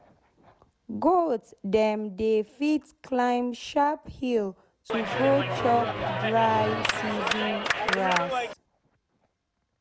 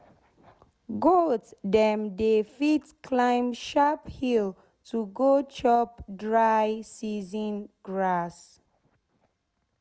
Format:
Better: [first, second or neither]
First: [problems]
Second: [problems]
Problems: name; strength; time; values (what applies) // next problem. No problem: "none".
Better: second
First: background sound (Clapping); 1 dB below the speech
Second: none